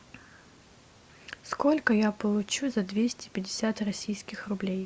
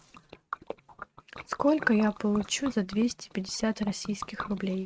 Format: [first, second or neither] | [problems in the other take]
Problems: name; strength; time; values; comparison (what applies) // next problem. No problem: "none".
first | noise reduction (neural mask model RNNoise)